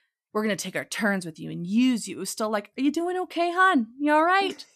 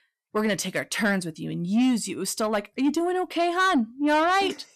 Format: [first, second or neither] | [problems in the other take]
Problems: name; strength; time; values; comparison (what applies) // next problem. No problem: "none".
first | distortion; slight; 10 dB below the speech